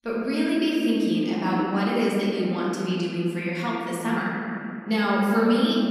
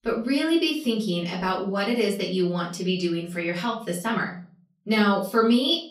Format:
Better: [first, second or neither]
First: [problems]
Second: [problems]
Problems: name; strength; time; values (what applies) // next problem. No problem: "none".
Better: second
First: room echo; strong; dies away in 3 s // off-mic speech; far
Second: room echo; slight; dies away in 0.4 s // off-mic speech; far